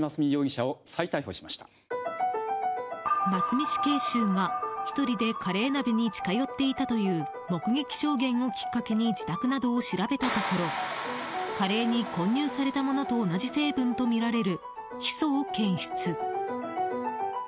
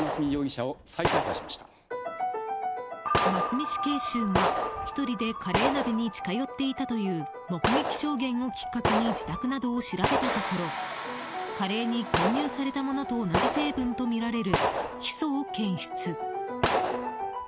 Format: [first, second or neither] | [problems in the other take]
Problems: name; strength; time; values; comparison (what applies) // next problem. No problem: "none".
first | background sound (Gunshot, gunfire); 3 dB below the speech